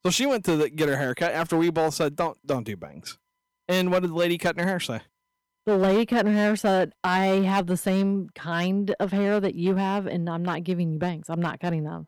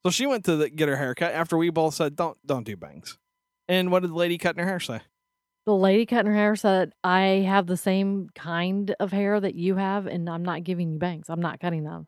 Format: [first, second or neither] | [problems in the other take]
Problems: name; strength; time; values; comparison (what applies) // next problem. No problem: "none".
second | distortion; slight; 5% of the sound clipped